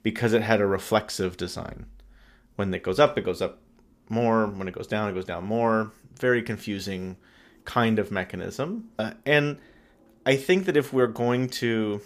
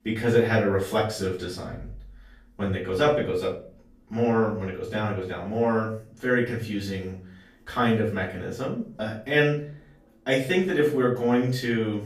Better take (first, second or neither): first